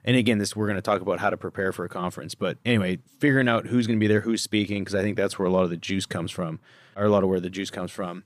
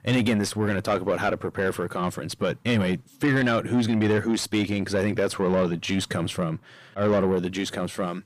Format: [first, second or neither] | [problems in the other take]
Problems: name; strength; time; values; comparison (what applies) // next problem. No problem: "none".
first | distortion; slight; 10 dB below the speech